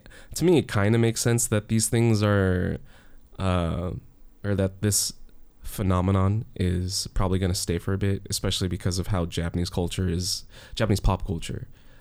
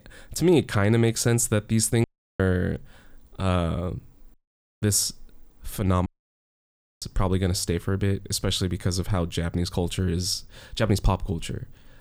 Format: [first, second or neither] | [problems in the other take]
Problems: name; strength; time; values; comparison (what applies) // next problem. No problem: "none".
first | audio cutting out; at 2 s, at 4.5 s and at 6 s for 1 s